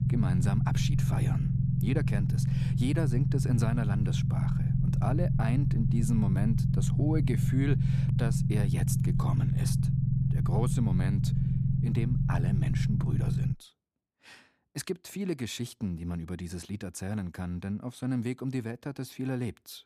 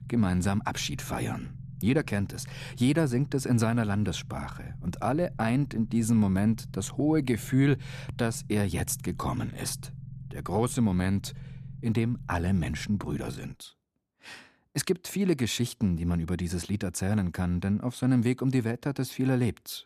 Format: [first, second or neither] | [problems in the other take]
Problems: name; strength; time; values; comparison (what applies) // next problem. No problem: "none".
second | low rumble; loud; until 14 s; as loud as the speech; faint in the second